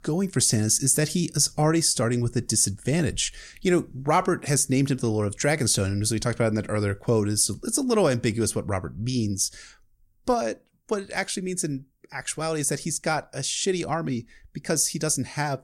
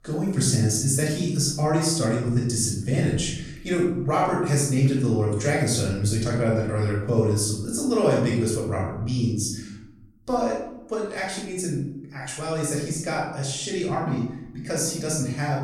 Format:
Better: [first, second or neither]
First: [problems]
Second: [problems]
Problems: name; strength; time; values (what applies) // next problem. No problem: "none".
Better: first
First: none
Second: off-mic speech; far // room echo; noticeable; dies away in 0.8 s